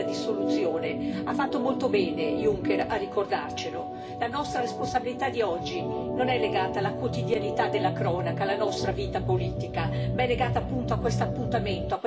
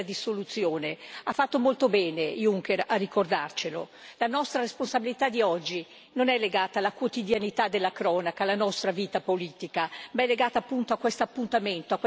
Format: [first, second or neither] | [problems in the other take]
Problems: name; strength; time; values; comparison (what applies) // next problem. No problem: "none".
second | background sound (Organ); 1 dB below the speech // room echo; dies away in 0.2 s